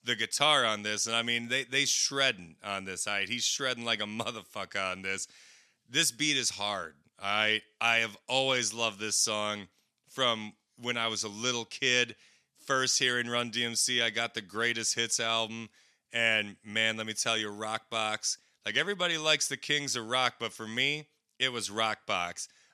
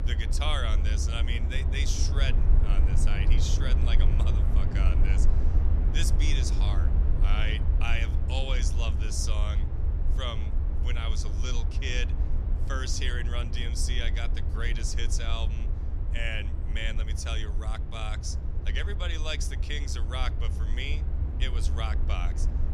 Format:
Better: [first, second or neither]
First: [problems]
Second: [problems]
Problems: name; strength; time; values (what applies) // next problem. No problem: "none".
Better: first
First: none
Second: low rumble; loud; throughout; 9 dB below the speech